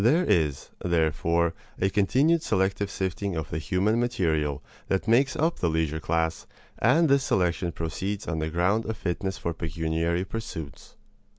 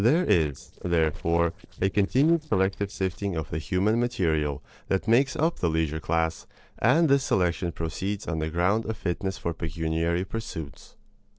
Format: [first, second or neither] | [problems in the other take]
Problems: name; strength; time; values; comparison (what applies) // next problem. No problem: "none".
first | noise reduction (neural separator model SepFormer DNS4)